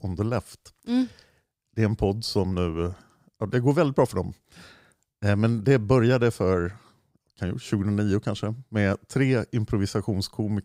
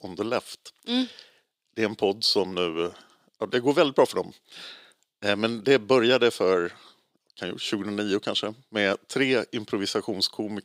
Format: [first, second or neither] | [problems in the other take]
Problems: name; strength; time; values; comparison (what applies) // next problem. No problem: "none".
first | thin; somewhat; fading below 350 Hz